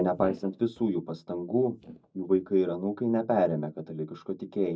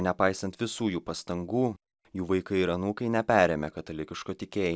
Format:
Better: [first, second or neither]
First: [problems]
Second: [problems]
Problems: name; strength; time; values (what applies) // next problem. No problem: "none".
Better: second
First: noise reduction (neural mask model DeepFilterNet 3)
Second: none